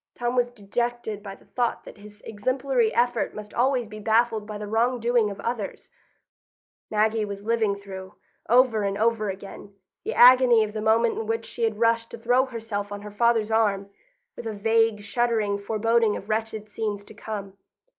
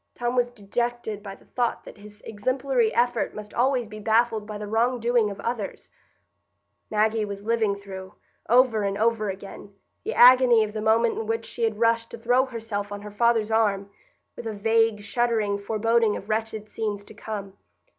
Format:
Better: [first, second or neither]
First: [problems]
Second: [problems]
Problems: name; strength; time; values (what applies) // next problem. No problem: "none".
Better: second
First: noise reduction (neural mask model Resemble Enhance denoiser)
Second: none